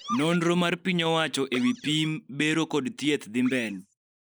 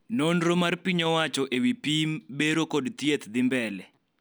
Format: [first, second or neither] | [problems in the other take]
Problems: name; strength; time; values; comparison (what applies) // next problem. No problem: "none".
second | noise reduction (neural mask model Resemble Enhance denoiser)